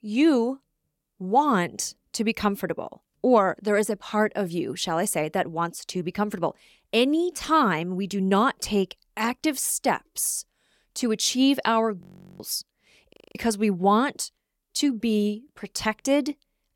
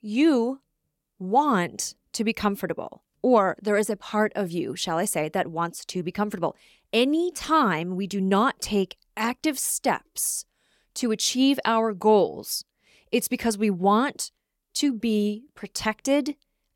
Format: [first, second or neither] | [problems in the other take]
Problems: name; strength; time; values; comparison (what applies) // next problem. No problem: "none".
second | audio freezing; at 12 s and at 13 s